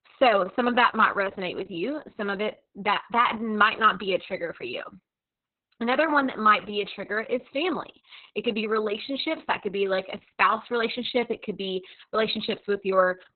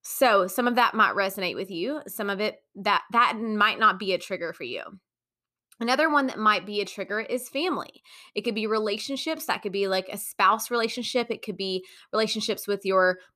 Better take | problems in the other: second | garbled, watery; badly; nothing above 4 kHz

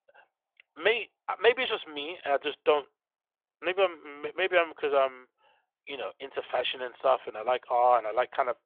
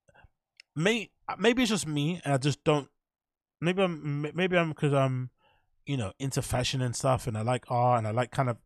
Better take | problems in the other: second | phone-call audio; nothing above 3.5 kHz

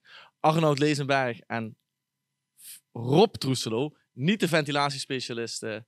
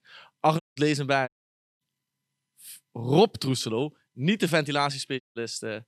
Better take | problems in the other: first | audio cutting out; at 0.5 s, at 1.5 s for 0.5 s and at 5 s

